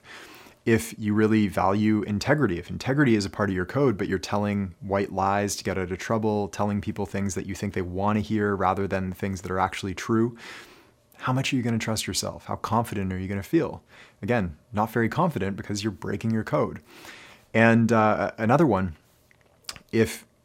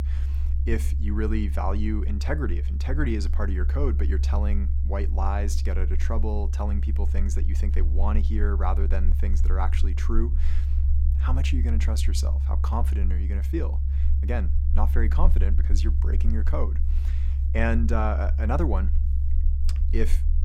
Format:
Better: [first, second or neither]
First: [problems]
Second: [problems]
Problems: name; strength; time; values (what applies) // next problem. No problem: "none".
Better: first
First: none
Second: low rumble; noticeable; throughout; 10 dB below the speech